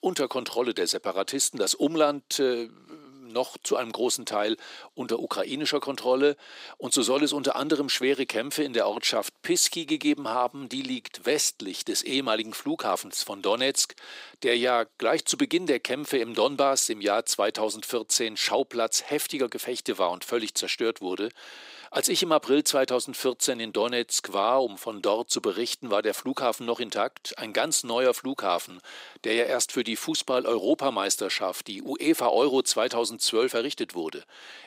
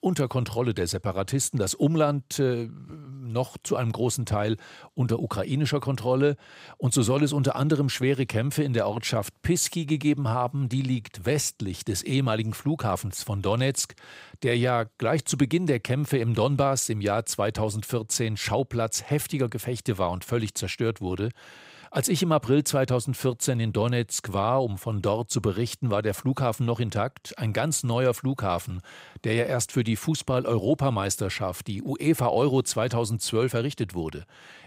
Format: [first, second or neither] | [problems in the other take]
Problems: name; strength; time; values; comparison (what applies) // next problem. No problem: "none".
second | thin; somewhat; fading below 300 Hz